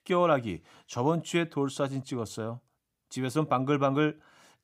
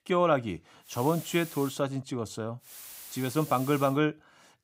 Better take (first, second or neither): first